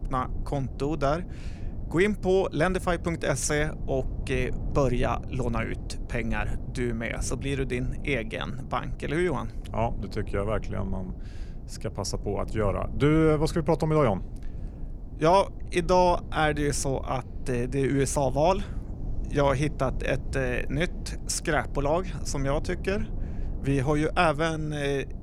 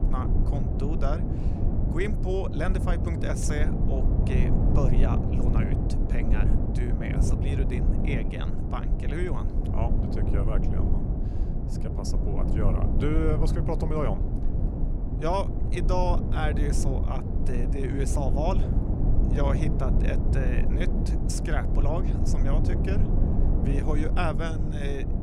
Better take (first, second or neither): first